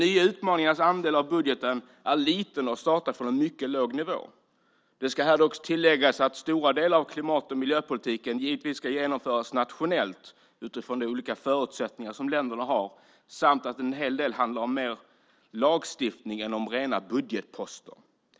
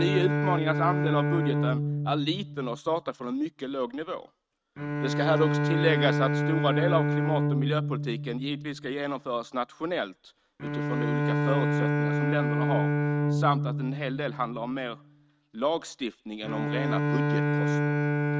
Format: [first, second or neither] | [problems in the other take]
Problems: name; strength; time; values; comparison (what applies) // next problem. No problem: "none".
first | noise reduction (neural mask model RNNoise)